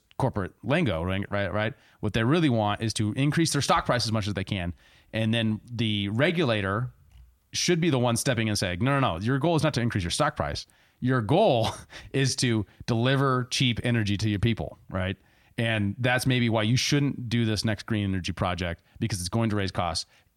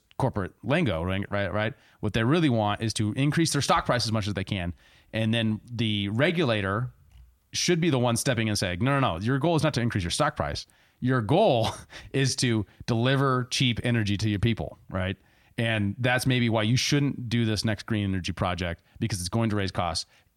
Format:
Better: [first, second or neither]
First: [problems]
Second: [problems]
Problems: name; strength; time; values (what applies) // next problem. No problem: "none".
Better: neither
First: none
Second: none